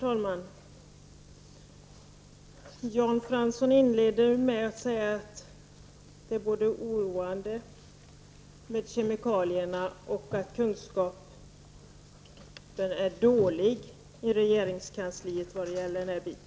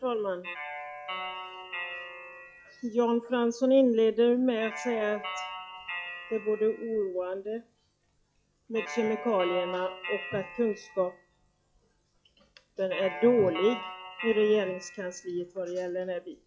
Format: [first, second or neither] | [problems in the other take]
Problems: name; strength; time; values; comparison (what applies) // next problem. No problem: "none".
first | noise reduction (classical method log-MMSE)